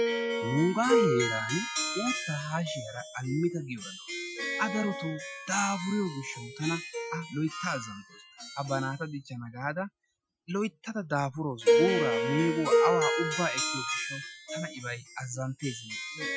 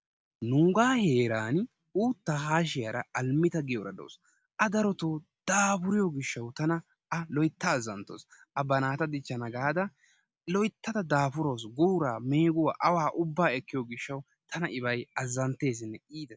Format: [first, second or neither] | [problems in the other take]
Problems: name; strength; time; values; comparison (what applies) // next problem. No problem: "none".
second | noise reduction (classical method Wiener filter)